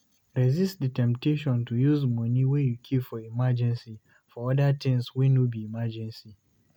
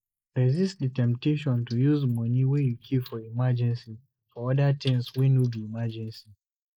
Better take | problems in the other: first | noise reduction (neural mask model Resemble Enhance denoiser)

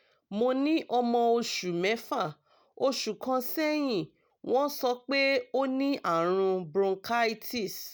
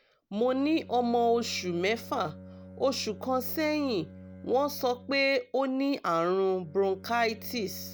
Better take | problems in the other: first | background sound (Bowed string instrument); 19 dB below the speech

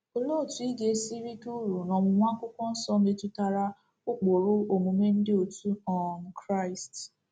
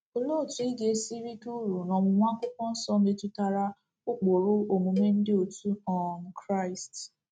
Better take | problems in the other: first | noise reduction (neural mask model RNNoise)

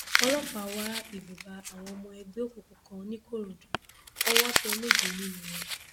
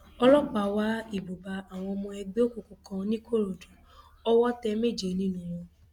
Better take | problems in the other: second | background sound (Crumpling, crinkling); 5 dB above the speech

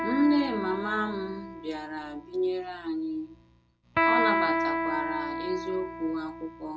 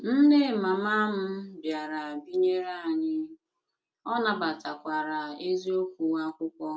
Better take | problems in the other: second | background sound (Electric guitar); 1 dB below the speech

